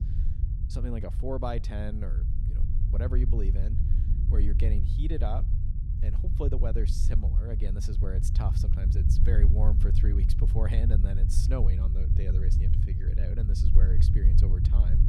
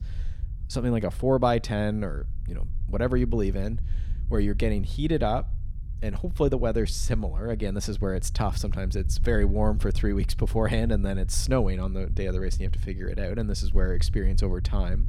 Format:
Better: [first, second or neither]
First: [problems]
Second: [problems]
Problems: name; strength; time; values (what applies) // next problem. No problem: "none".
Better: second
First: low rumble; loud; throughout; 4 dB below the speech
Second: low rumble; faint; throughout; 20 dB below the speech